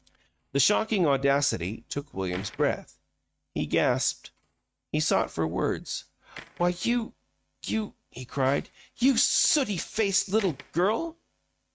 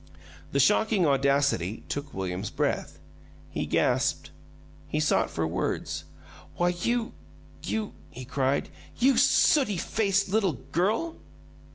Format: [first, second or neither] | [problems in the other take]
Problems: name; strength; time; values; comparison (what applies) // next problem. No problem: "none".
second | noise reduction (neural mask model RNNoise)